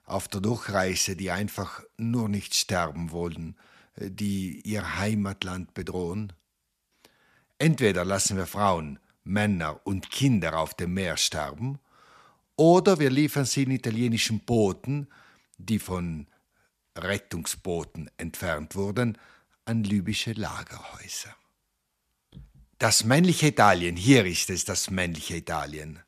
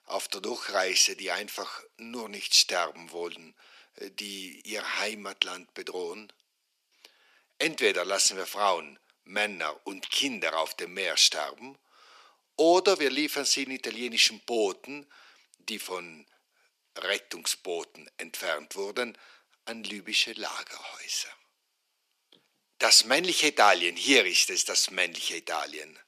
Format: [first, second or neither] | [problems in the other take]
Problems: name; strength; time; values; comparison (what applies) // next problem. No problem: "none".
first | thin; somewhat; fading below 350 Hz